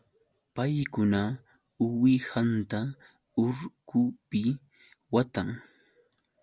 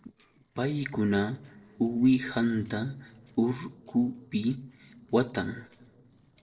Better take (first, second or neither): first